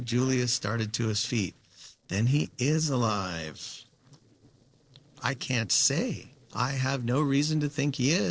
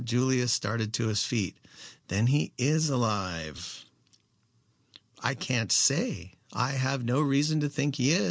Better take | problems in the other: second | noise reduction (neural separator model SepFormer DNS4)

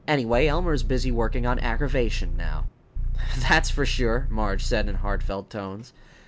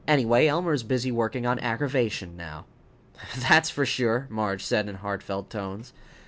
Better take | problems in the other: second | background sound (Idling / Car); 3 dB above the speech

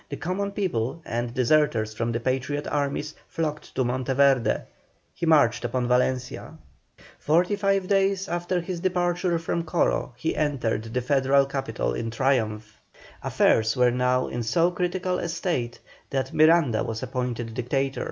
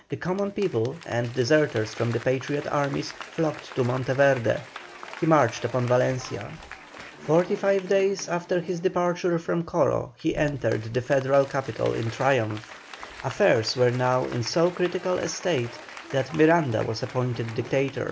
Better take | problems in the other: first | background sound (Applause / Crowd); 18 dB below the speech

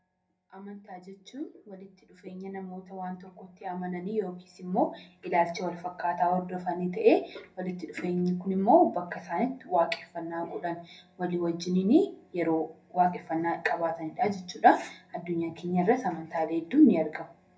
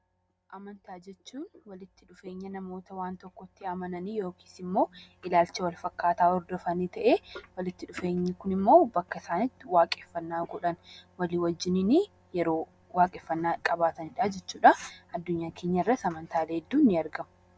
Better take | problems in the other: second | room echo; dies away in 0.3 s

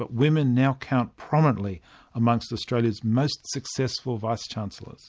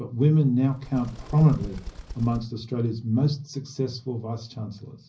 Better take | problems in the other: first | background sound (Bird); 13 dB below the speech // room echo; dies away in 0.5 s

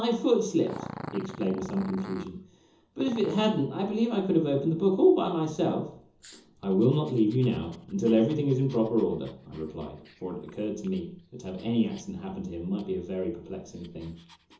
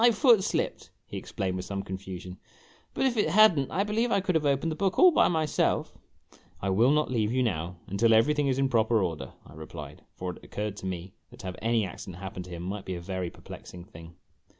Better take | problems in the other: second | background sound (Growling); 20 dB below the speech // room echo; dies away in 0.6 s

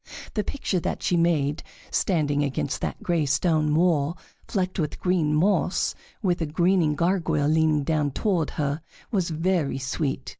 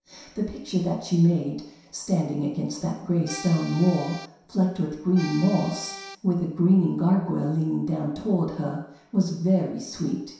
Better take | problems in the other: first | background sound (Accordion); 14 dB below the speech // room echo; dies away in 0.7 s

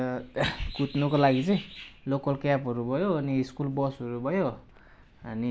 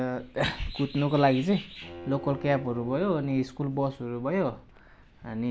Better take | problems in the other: first | background sound (Bowed string instrument); 18 dB below the speech

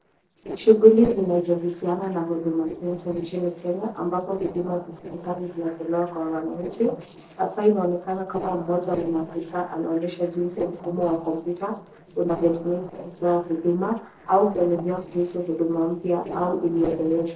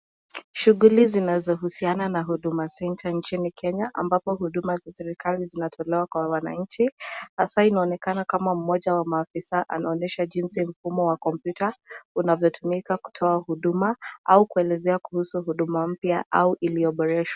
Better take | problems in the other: second | noise reduction (neural separator model SepFormer DNS4)

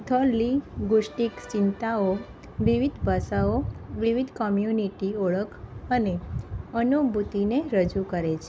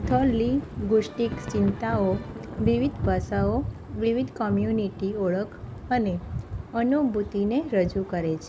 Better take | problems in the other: first | background sound (Thunder / Rain); 11 dB below the speech

